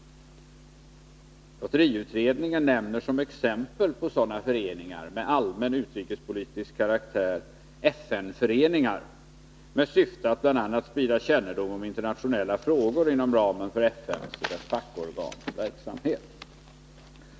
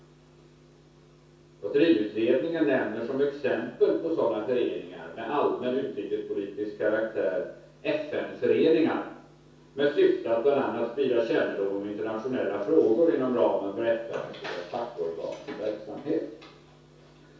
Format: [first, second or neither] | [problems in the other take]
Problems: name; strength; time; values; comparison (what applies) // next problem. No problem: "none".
first | room echo; dies away in 0.6 s